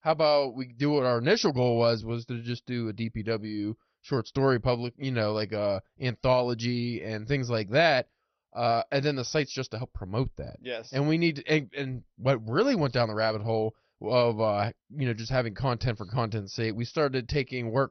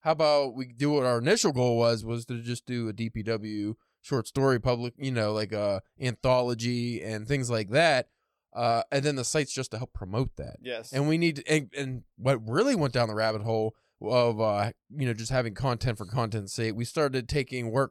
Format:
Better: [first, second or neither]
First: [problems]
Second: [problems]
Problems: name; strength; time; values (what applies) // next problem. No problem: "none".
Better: second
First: garbled, watery; slightly; nothing above 6 kHz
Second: none